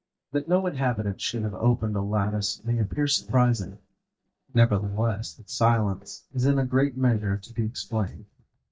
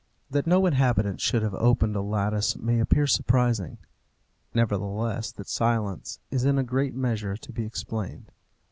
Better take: second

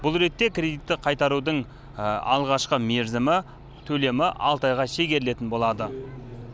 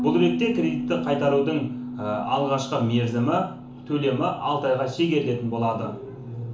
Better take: first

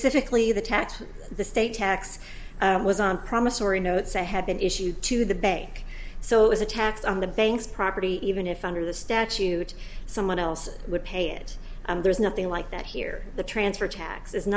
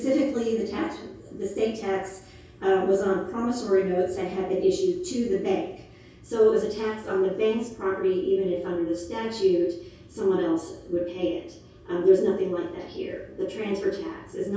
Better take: first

